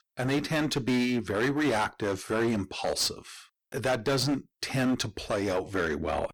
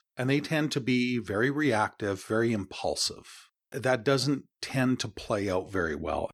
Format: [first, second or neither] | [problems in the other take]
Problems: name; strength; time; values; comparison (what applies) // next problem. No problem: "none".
second | distortion; heavy; 12% of the sound clipped